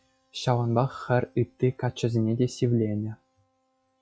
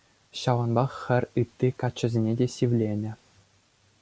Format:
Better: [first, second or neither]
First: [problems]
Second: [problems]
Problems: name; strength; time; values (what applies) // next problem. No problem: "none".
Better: second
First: noise reduction (classical method log-MMSE)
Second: none